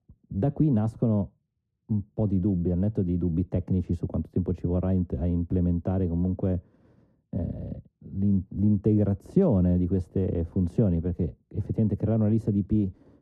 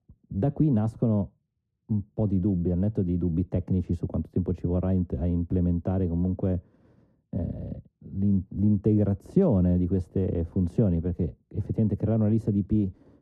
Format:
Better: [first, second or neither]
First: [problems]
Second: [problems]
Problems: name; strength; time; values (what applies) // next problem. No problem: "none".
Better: neither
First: muffled; very; fading above 1 kHz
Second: muffled; very; fading above 1 kHz